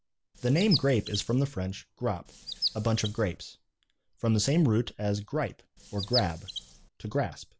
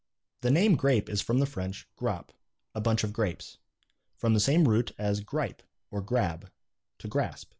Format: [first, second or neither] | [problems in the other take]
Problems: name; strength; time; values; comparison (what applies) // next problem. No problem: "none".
second | background sound (Chirp, tweet); 8 dB below the speech